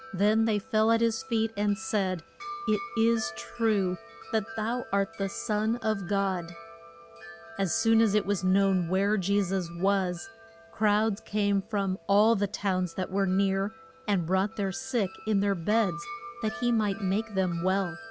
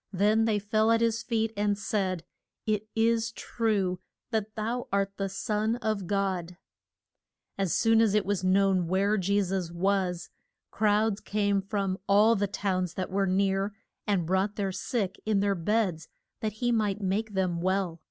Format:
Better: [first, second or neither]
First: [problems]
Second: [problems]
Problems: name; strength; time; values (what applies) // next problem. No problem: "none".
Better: second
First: background sound (Wind chime); 17 dB below the speech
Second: none